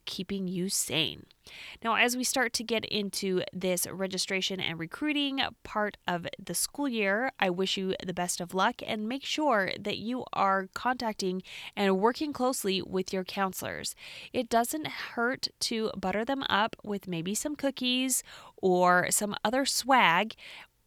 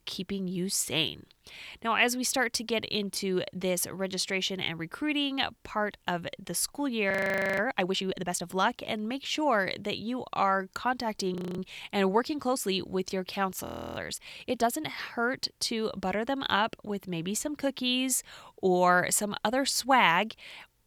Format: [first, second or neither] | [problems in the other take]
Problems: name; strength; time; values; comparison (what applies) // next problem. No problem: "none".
first | audio freezing; at 7 s, at 11 s and at 14 s